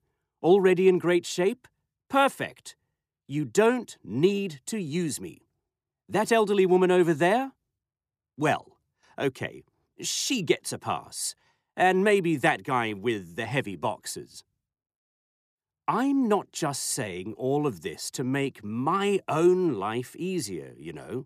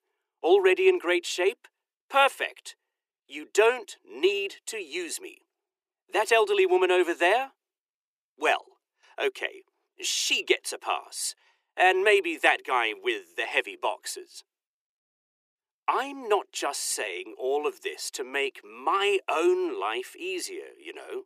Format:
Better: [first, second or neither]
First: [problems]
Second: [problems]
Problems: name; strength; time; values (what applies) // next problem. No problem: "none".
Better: first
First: none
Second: thin; very; fading below 400 Hz